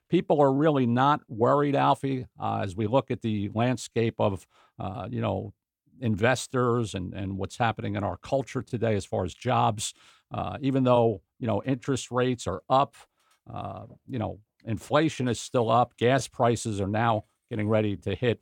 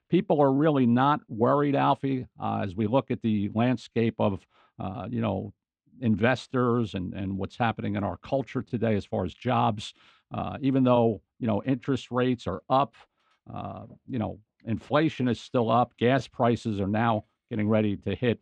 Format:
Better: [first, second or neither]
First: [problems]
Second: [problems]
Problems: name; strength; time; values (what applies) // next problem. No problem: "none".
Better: first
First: none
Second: muffled; slightly; fading above 3.5 kHz